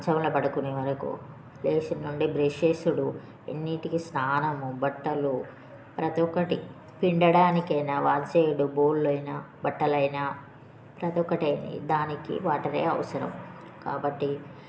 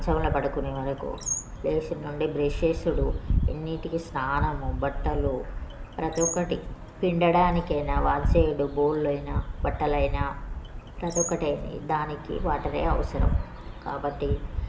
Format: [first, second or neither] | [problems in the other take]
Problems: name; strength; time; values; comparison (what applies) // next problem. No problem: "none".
first | background sound (Bird); 2 dB below the speech